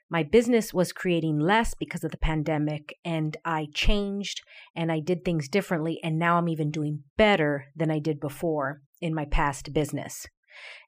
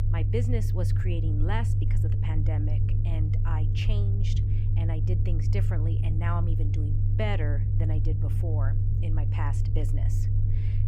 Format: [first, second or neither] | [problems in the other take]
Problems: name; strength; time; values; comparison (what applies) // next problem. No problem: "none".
first | low rumble; loud; throughout; 2 dB below the speech